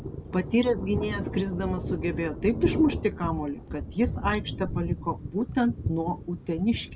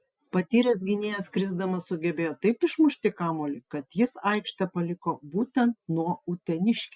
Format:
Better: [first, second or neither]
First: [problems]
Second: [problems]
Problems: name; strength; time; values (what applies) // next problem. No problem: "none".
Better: second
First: background sound (Thunder); 5 dB below the speech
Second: none